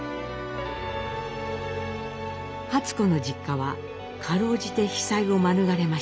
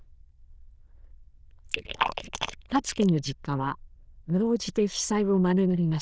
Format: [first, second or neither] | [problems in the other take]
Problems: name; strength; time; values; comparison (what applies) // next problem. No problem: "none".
first | noise reduction (neural diffusion model UNIVERSE++)